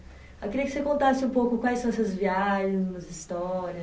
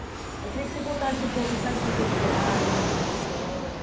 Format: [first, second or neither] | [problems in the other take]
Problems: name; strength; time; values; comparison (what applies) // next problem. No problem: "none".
first | background sound (Fixed-wing aircraft, airplane); 4 dB above the speech